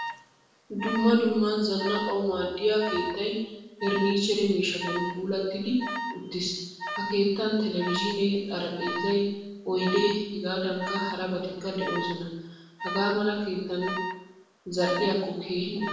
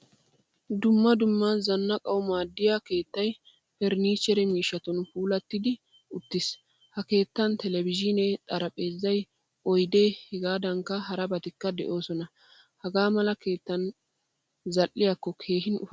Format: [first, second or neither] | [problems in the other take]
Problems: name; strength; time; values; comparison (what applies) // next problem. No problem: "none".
second | background sound (Alarm); 9 dB below the speech // room echo; dies away in 0.9 s